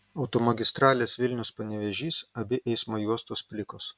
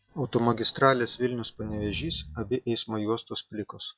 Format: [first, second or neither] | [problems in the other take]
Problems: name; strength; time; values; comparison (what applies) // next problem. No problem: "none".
first | noise reduction (classical method log-MMSE)